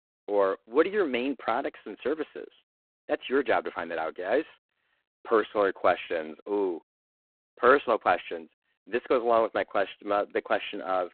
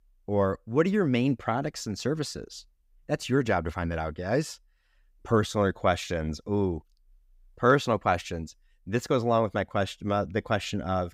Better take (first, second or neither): second